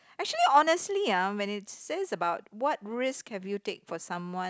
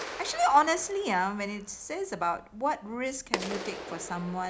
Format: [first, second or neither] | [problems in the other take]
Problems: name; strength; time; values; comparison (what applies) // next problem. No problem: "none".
first | background sound (Clapping); 11 dB below the speech // room echo; dies away in 0.4 s